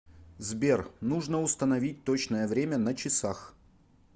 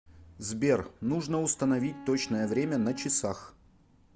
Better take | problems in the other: first | background sound (Bowed string instrument); 15 dB below the speech

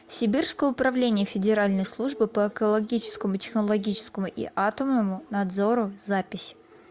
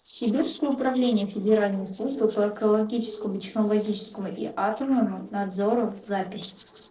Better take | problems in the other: first | noise reduction (neural separator model SepFormer DNS4)

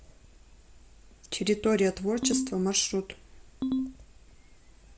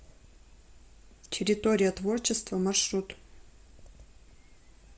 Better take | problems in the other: second | background sound (Ringtone); 2 dB below the speech

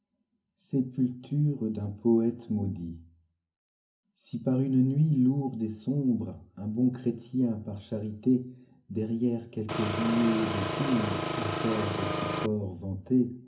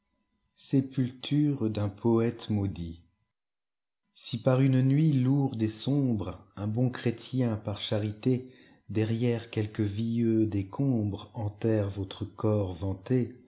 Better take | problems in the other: second | background sound (Engine); 2 dB below the speech // room echo; dies away in 0.3 s

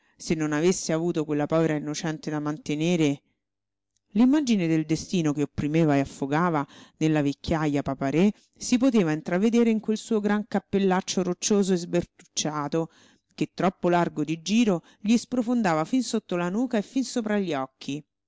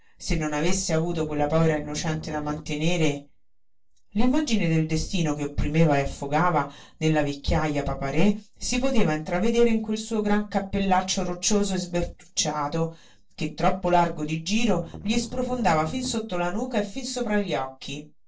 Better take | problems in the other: first | noise reduction (neural separator model SepFormer DNS4)

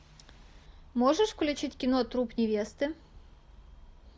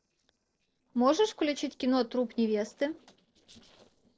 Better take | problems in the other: first | noise reduction (neural separator model SepFormer DNS4)

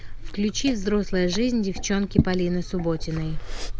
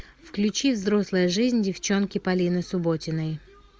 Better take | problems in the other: second | background sound (Liquid); 3 dB below the speech

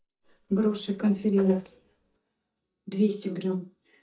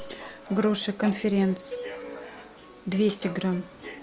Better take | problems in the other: second | noise reduction (neural mask model DeepFilterNet 3)

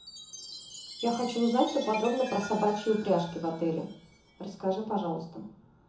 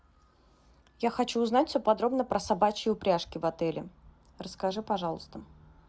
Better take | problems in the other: second | background sound (Chime); 16 dB below the speech // room echo; dies away in 0.7 s

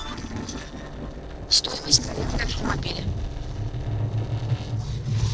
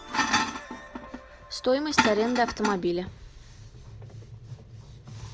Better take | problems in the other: second | noise reduction (neural separator model SepFormer DNS4)

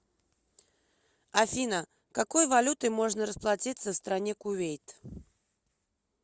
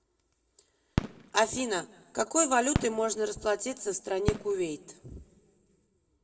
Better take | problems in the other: first | background sound (Fireworks); 7 dB below the speech // room echo; dies away in 0.5 s

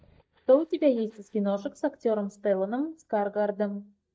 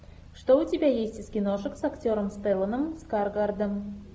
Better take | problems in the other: second | noise reduction (neural mask model DeepFilterNet 3)

